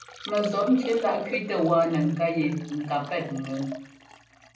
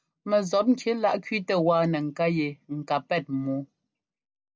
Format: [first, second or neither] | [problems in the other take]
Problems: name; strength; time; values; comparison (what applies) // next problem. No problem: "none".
second | background sound (Liquid); 15 dB below the speech // room echo; dies away in 0.6 s